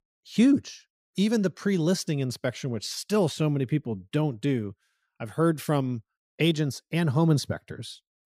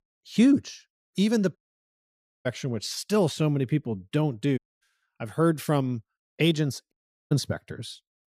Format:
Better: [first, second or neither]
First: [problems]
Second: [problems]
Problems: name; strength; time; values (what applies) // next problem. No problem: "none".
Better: first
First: none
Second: audio cutting out; at 1.5 s for 1 s, at 4.5 s and at 7 s